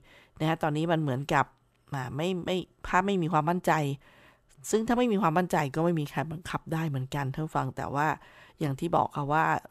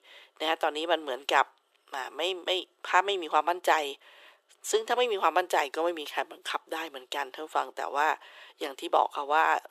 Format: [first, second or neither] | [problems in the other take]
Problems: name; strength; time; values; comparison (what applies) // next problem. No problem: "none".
first | thin; very; fading below 400 Hz